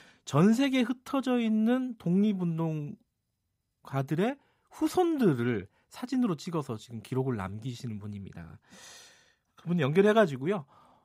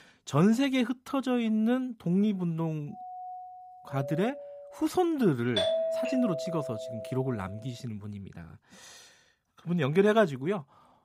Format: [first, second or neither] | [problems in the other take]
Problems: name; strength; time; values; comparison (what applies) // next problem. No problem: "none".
first | doorbell; faint; from 3 to 5 s; peak 10 dB below the speech // doorbell; loud; from 5.5 to 7.5 s; peak 1 dB above the speech